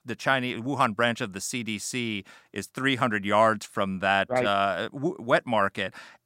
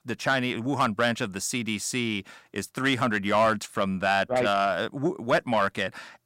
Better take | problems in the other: first | distortion; slight; 10 dB below the speech

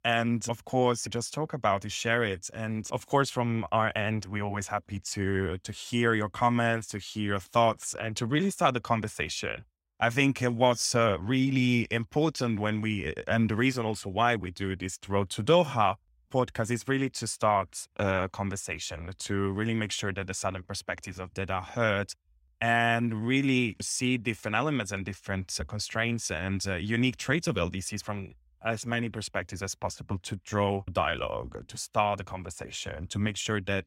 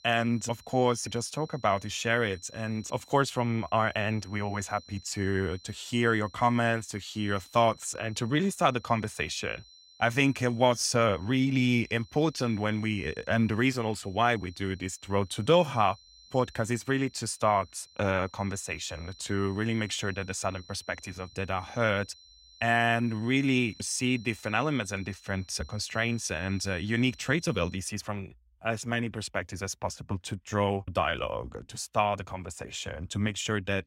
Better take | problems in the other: first | high-pitched whine; faint; until 28 s; 4 kHz, 25 dB below the speech

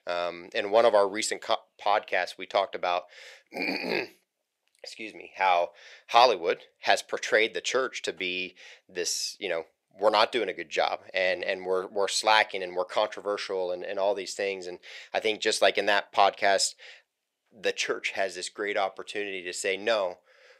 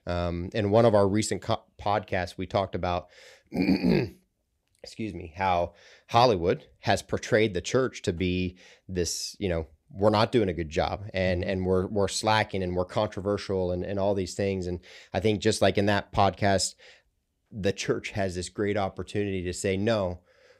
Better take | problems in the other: second | thin; very; fading below 600 Hz

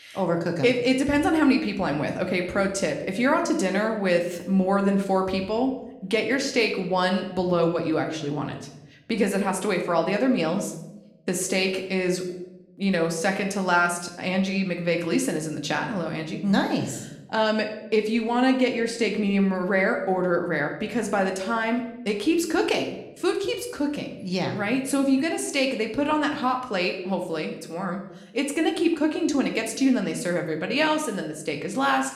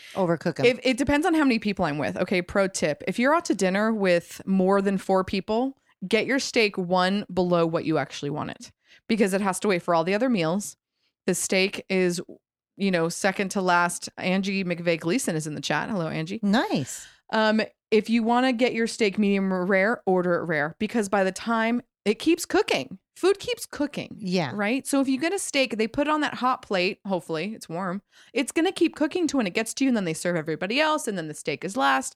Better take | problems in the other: second | room echo; slight; dies away in 0.7 s

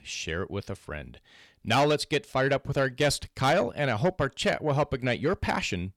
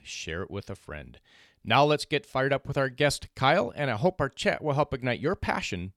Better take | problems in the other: second | distortion; slight; 10 dB below the speech

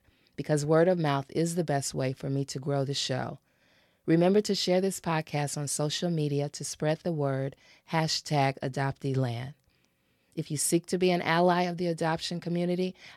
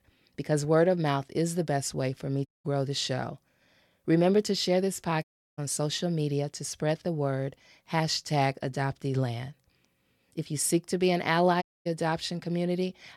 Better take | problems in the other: first | audio cutting out; at 2.5 s, at 5 s and at 12 s

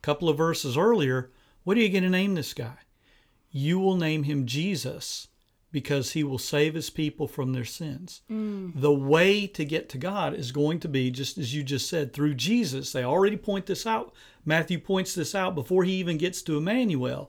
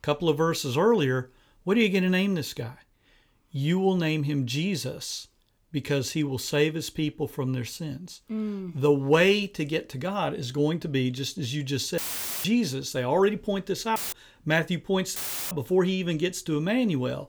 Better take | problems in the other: first | audio cutting out; filled with static; at 12 s, at 14 s and at 15 s

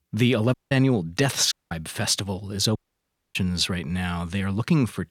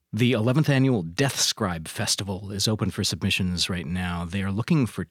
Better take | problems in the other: second | audio cutting out; at 0.5 s, at 1.5 s and at 3 s for 0.5 s

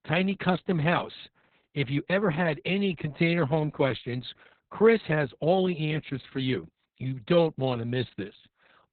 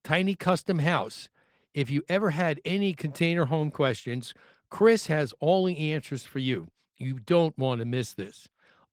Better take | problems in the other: second | garbled, watery; badly; nothing above 4 kHz; slightly in the second

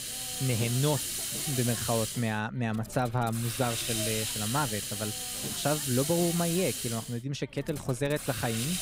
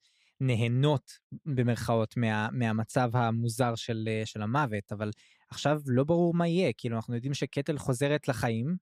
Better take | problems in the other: second | hiss; loud; throughout; 1 dB below the speech

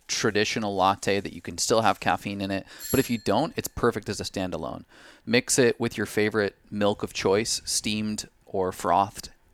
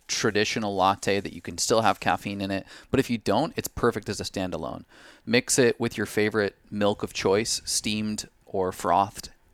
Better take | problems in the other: second | doorbell; noticeable; at 3 s; peak 7 dB below the speech

